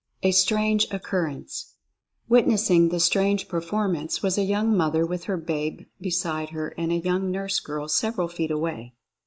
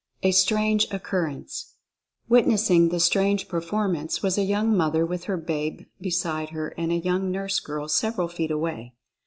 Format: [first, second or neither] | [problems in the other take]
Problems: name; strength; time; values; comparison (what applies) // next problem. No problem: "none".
second | noise reduction (neural mask model Resemble Enhance denoiser)